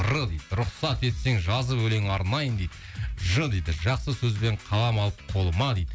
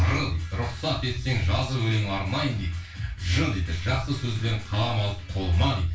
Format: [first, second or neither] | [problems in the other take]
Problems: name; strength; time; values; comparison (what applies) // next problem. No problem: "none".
first | room echo; dies away in 0.3 s